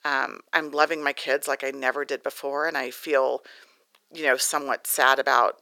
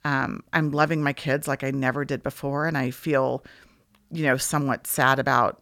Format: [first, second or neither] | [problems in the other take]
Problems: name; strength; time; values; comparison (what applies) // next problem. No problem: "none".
second | thin; very; fading below 400 Hz